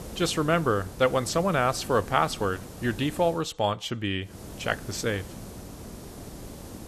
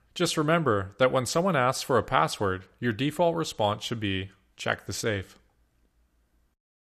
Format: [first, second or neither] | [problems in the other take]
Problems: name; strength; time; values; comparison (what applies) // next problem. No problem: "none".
second | hiss; noticeable; until 3.5 s and from 4.5 s on; 15 dB below the speech